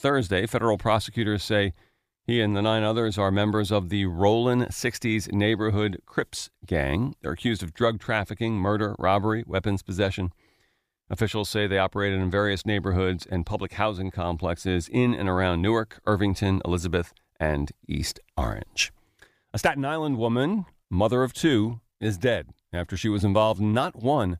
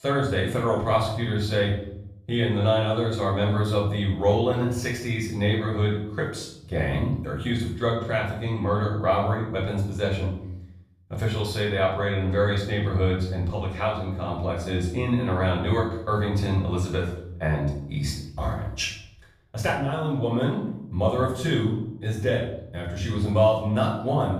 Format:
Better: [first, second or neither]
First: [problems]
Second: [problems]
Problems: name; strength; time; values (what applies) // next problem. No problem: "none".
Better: first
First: none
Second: off-mic speech; far // room echo; noticeable; dies away in 0.7 s